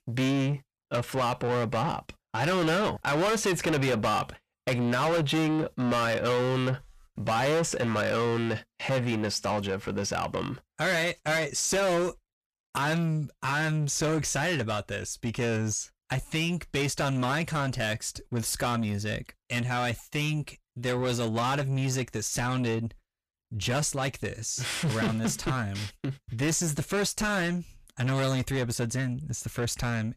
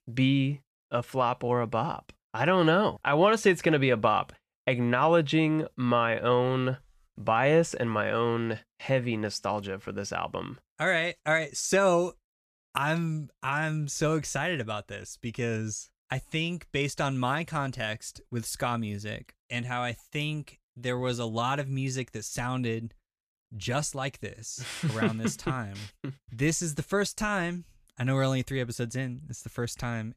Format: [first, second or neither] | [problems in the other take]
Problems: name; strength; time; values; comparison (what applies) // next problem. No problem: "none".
second | distortion; heavy; 6 dB below the speech